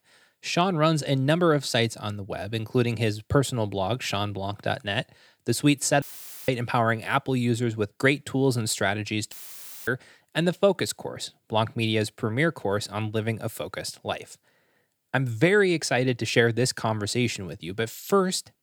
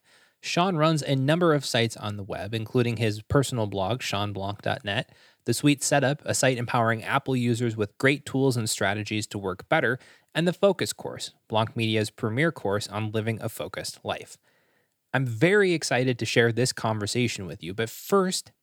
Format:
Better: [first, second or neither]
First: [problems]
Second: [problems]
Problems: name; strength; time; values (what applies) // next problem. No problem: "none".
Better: second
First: audio cutting out; filled with static; at 6 s and at 9.5 s for 0.5 s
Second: none